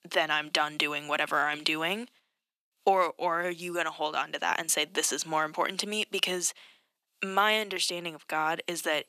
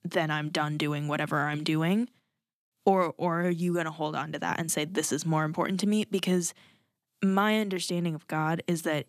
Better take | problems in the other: second | thin; very; fading below 550 Hz

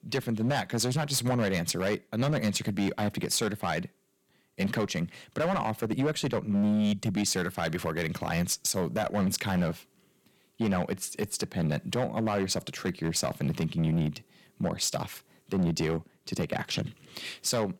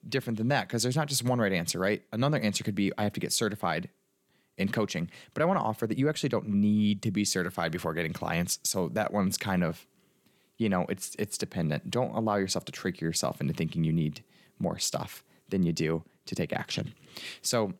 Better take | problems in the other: second | distortion; slight; 8% of the sound clipped

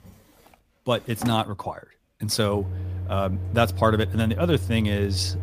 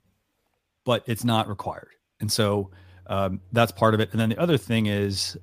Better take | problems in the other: second | household noises; loud; throughout; 6 dB below the speech; faint in the second

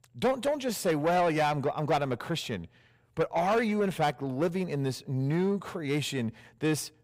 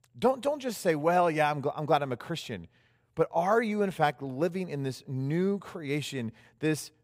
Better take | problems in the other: second | distortion; slight; 10 dB below the speech

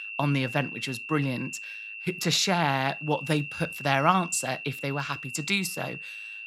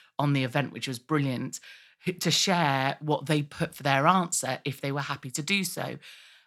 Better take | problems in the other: second | high-pitched whine; loud; throughout; 2.5 kHz, 9 dB below the speech

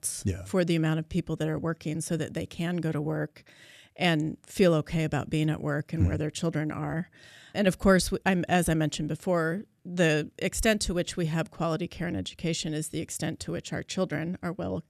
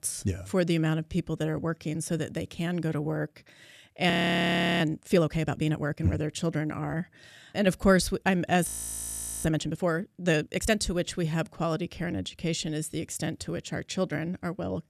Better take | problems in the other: first | audio freezing; at 4 s for 0.5 s and at 8.5 s for 1 s

